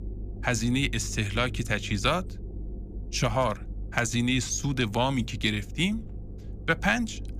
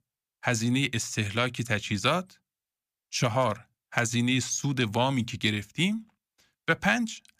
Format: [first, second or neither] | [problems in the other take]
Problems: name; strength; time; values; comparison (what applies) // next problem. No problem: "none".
second | low rumble; faint; throughout; 25 dB below the speech